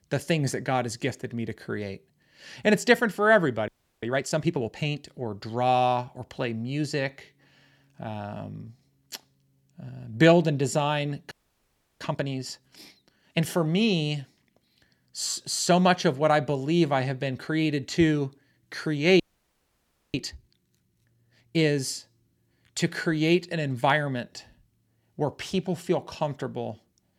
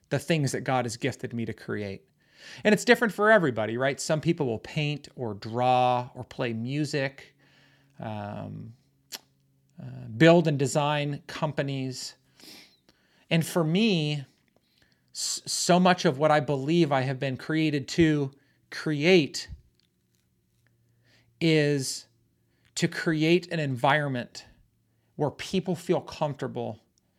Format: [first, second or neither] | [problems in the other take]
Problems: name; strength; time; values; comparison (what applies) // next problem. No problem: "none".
second | audio freezing; at 3.5 s, at 11 s for 0.5 s and at 19 s for 1 s